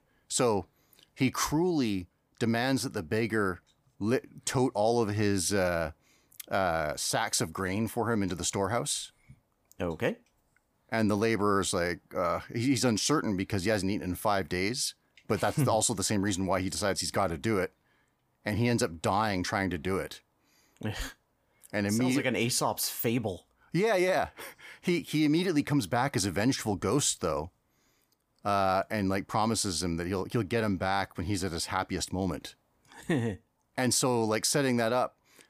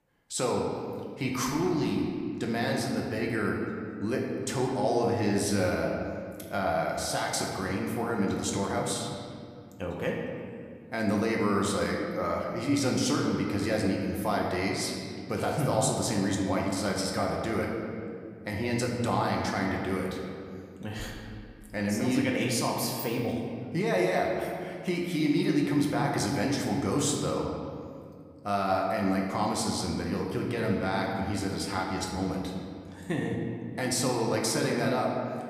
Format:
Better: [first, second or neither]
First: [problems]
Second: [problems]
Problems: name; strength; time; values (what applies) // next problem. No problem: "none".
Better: first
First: none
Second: room echo; noticeable; dies away in 2.1 s // off-mic speech; somewhat distant